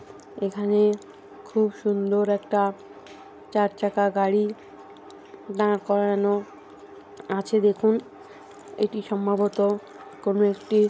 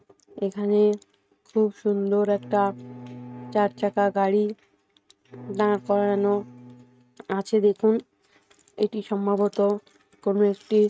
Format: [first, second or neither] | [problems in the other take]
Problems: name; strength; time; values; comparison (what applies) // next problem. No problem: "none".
first | noise reduction (neural mask model RNNoise)